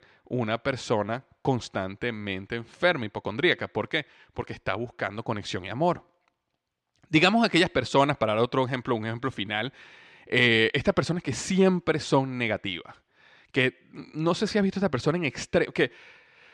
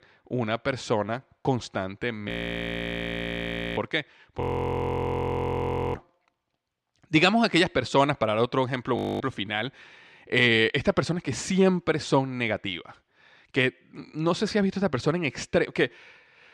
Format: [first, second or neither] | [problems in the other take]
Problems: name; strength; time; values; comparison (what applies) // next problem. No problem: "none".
first | audio freezing; at 2.5 s for 1.5 s, at 4.5 s for 1.5 s and at 9 s